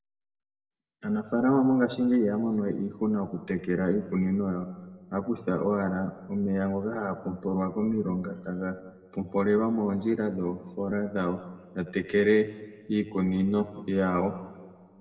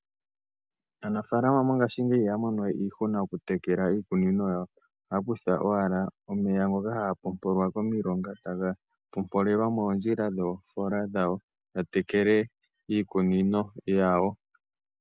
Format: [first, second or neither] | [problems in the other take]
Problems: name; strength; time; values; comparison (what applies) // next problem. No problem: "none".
second | room echo; dies away in 1 s